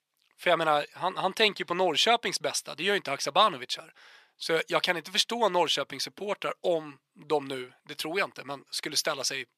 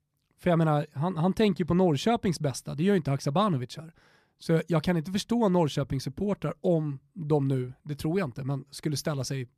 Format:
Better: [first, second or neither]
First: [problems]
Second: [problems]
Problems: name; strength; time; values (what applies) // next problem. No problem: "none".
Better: second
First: thin; very; fading below 600 Hz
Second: none